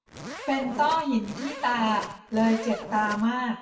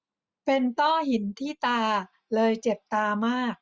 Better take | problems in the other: second | background sound (Zipper (clothing)); 12 dB below the speech // room echo; dies away in 0.7 s

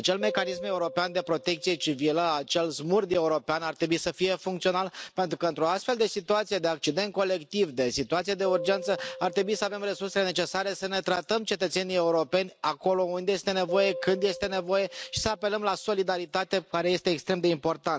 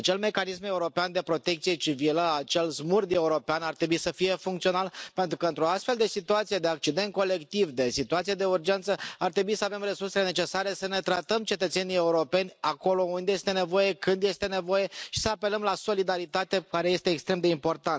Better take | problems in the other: second | background sound (Piano); 14 dB below the speech

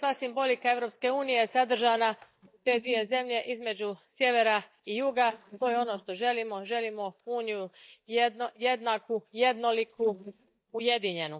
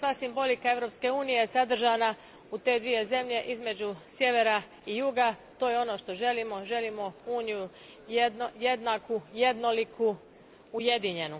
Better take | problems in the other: second | noise reduction (neural mask model DeepFilterNet 3)

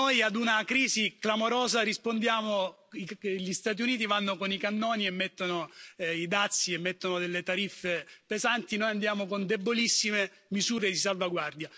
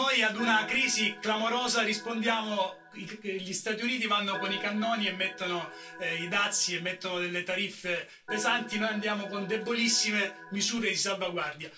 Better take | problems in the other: first | background sound (Organ); 15 dB below the speech // room echo; dies away in 0.2 s

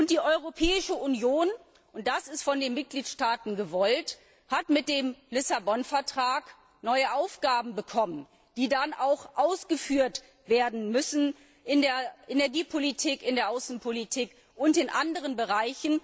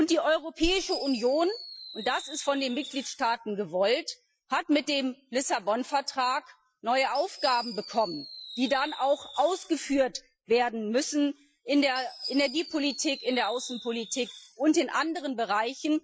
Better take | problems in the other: first | noise reduction (classical method Wiener filter)

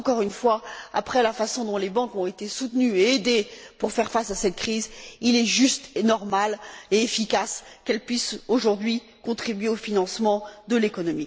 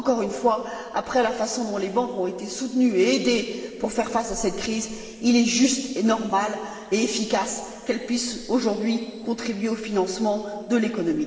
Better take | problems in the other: first | room echo; dies away in 2.8 s

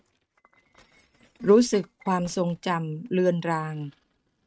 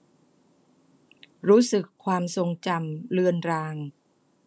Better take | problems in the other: second | noise reduction (neural mask model RNNoise)

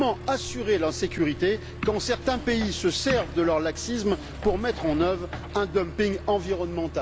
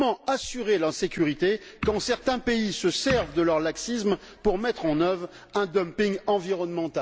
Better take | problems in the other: second | background sound (Accelerating, revving, vroom); 11 dB below the speech

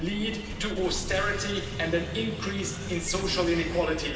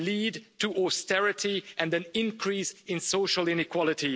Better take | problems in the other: second | background sound (Explosion); 7 dB below the speech // room echo; dies away in 2.4 s

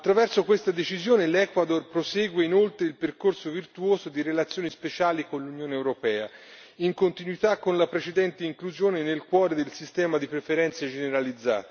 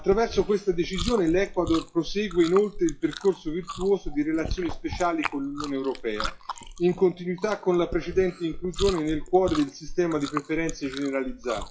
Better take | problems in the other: first | noise reduction (classical method WPE with log-MMSE)

